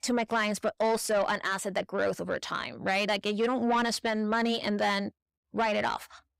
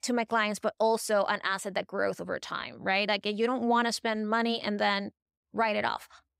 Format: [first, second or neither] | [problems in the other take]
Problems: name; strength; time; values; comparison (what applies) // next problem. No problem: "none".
second | distortion; slight; 10 dB below the speech